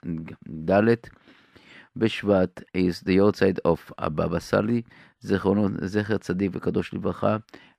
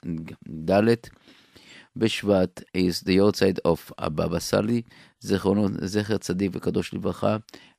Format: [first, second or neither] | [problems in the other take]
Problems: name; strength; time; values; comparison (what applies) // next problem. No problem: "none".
second | muffled; slightly; fading above 4 kHz